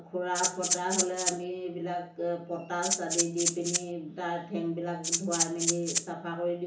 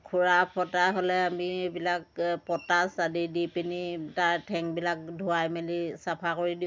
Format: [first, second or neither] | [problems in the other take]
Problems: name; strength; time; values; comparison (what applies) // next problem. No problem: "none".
second | background sound (Rattle (instrument)); 3 dB above the speech // room echo; dies away in 0.8 s